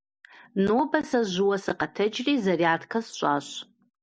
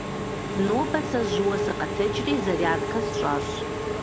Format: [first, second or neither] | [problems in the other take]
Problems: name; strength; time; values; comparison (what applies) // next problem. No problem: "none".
first | background sound (Engine / Mechanisms); as loud as the speech